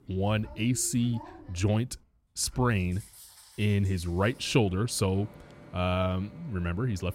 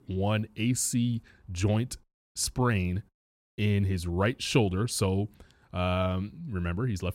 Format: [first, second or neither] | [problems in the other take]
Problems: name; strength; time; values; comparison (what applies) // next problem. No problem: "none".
second | household noises; faint; throughout; 20 dB below the speech